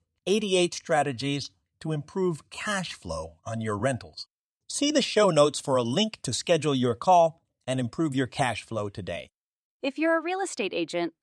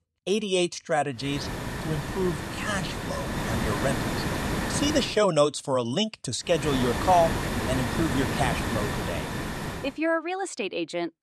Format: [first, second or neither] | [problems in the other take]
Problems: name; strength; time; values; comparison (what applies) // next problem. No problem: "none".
first | hiss; loud; from 1.5 to 5 s and from 6.5 to 10 s; 3 dB below the speech